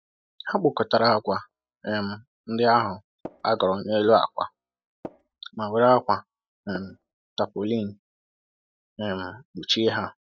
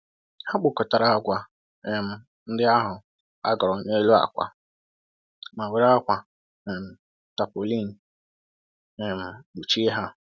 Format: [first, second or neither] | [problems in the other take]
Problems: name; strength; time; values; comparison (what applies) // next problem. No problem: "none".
second | noise reduction (classical method spectral subtraction)